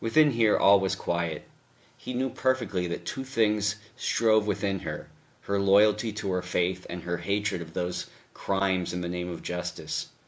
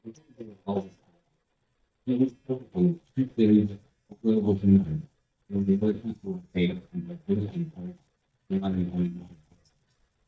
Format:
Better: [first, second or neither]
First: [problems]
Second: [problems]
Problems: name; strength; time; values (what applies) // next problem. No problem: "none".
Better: first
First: none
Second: noise reduction (neural mask model DeepFilterNet 3)